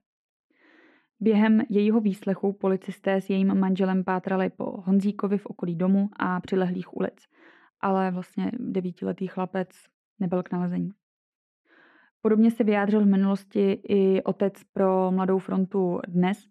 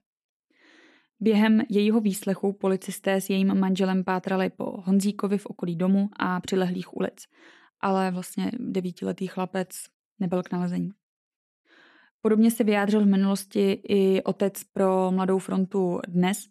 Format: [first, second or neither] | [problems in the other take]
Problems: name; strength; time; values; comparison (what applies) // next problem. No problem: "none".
second | muffled; slightly; fading above 4 kHz